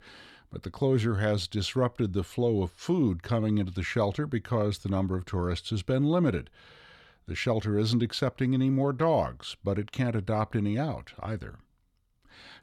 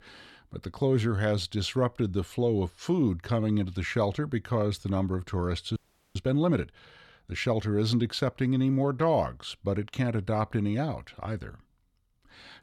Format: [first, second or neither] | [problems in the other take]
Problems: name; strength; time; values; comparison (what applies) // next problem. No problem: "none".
first | audio freezing; at 6 s